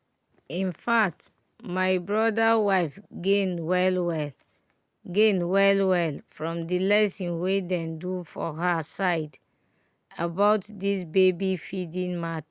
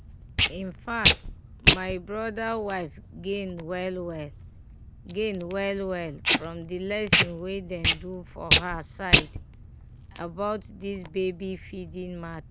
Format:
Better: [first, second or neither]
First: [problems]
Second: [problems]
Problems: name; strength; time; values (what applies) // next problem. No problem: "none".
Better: first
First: none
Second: background sound (Packing tape, duct tape); 3 dB above the speech